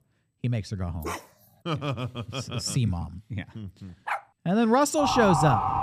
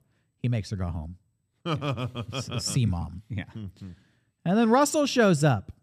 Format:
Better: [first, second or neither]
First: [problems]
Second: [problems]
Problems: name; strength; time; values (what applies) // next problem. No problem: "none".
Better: second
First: dog barking; noticeable; at 1 s and at 4 s; peak 6 dB below the speech // siren; loud; at 5 s; peak 2 dB above the speech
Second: none